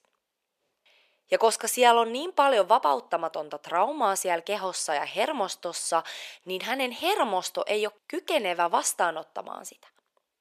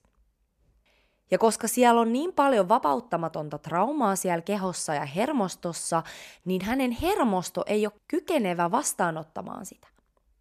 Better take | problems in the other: second | thin; somewhat; fading below 500 Hz

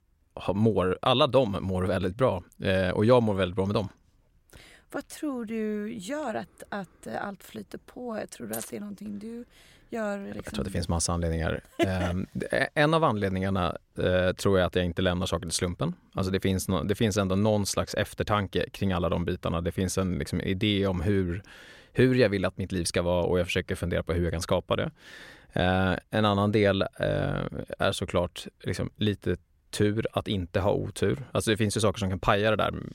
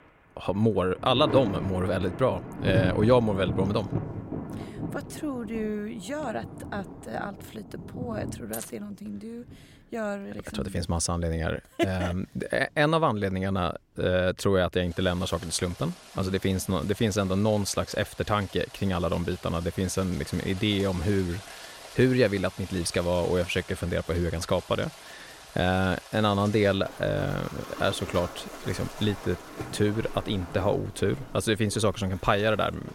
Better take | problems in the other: first | rain or running water; noticeable; throughout; 10 dB below the speech

